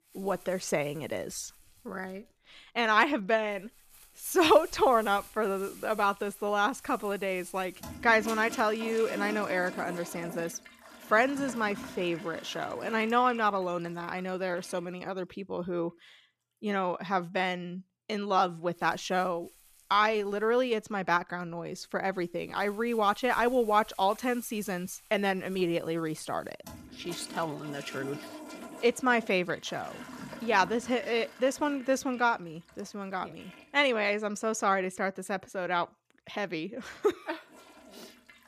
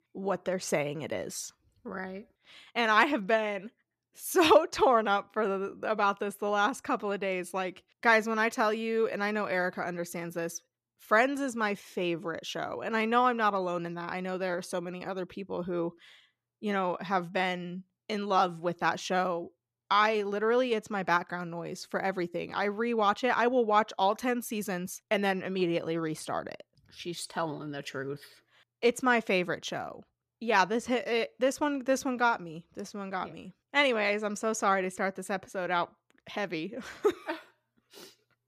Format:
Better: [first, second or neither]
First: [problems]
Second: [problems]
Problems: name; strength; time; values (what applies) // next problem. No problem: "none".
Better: second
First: household noises; noticeable; throughout; 15 dB below the speech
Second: none